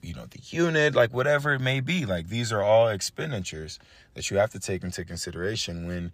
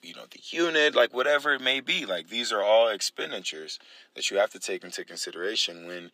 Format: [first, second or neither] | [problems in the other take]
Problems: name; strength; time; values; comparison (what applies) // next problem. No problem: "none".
first | thin; somewhat; fading below 250 Hz